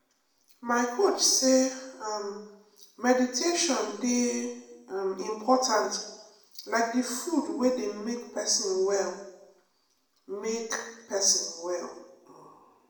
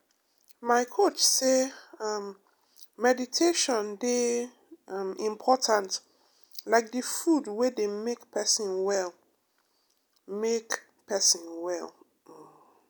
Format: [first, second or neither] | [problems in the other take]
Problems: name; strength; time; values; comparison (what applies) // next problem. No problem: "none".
second | room echo; dies away in 0.8 s